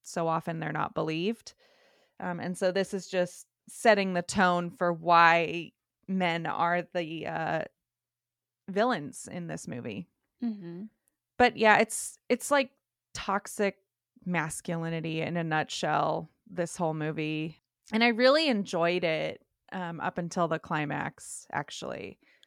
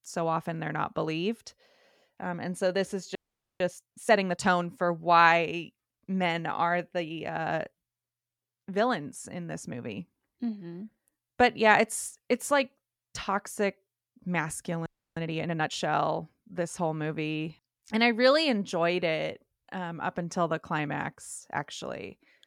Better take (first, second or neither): first